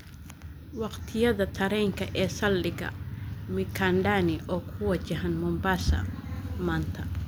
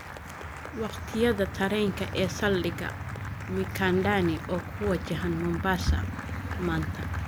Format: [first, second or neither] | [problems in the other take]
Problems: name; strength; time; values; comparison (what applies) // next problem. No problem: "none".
first | background sound (Applause); 13 dB below the speech